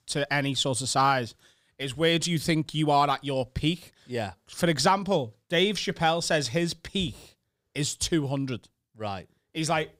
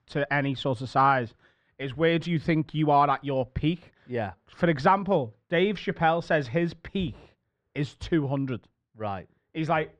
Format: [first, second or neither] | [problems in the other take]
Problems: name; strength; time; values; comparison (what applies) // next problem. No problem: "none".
first | muffled; very; fading above 2 kHz